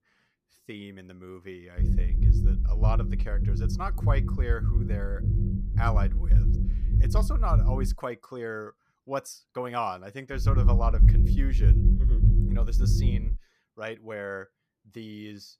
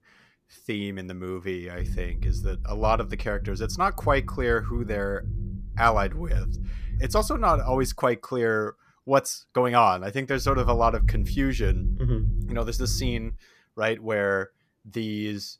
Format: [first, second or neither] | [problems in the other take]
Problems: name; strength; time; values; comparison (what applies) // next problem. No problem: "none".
second | low rumble; loud; from 2 to 8 s and from 10 to 13 s; 6 dB below the speech; faint in the second